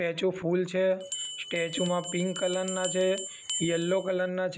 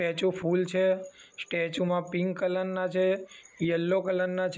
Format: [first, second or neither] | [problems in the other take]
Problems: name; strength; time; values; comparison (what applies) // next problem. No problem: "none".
second | background sound (Bell); 8 dB below the speech